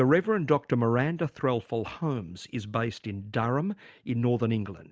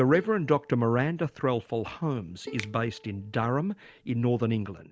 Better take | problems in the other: first | background sound (Bowed string instrument + Finger snapping); 20 dB below the speech

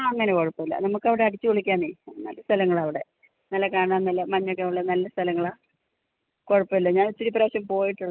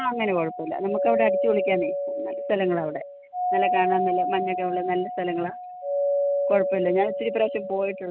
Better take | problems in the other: first | background sound (Doorbell); 1 dB below the speech

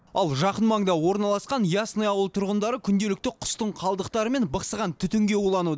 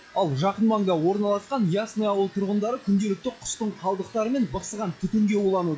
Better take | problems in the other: first | noise reduction (classical method log-MMSE)

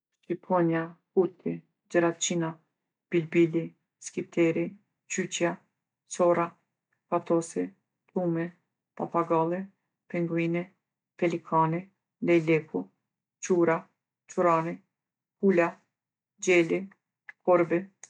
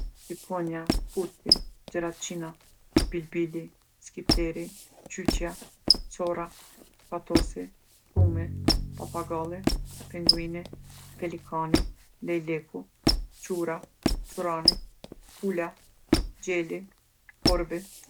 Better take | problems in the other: first | background sound (Squeak + Bowed string instrument); 5 dB above the speech

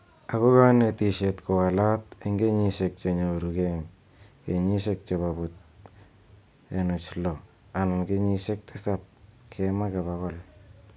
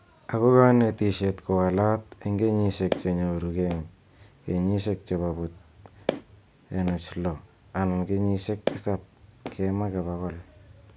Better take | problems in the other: first | background sound (Walk, footsteps); 13 dB below the speech

